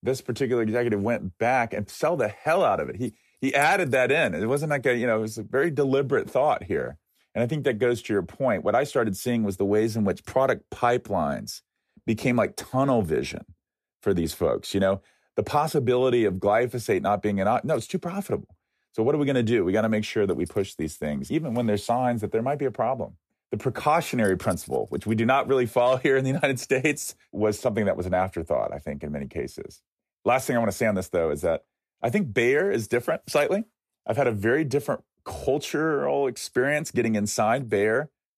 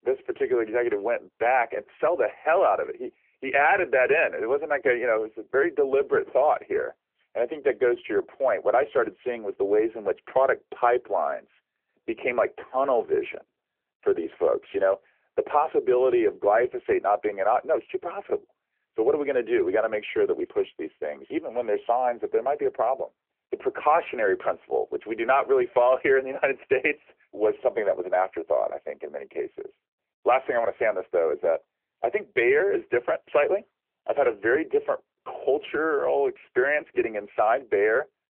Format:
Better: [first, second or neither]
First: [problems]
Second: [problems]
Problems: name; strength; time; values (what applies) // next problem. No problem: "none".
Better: first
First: none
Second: phone-call audio